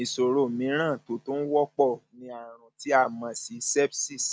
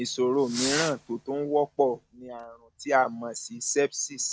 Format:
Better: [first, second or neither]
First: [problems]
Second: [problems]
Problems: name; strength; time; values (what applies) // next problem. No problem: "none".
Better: first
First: none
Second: background sound (Fireworks); 10 dB below the speech